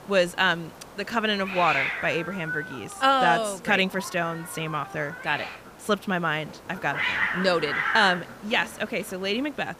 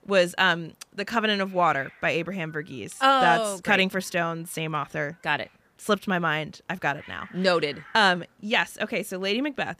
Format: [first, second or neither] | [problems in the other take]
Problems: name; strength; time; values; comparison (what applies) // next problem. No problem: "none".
second | hiss; loud; throughout; 4 dB below the speech; faint in the second